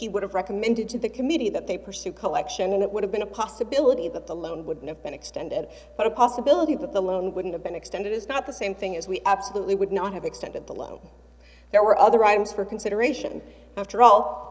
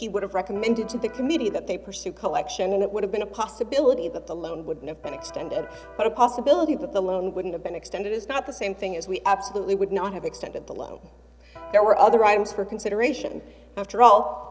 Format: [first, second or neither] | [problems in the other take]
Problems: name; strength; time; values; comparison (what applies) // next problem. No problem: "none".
first | background sound (Electric guitar); 17 dB below the speech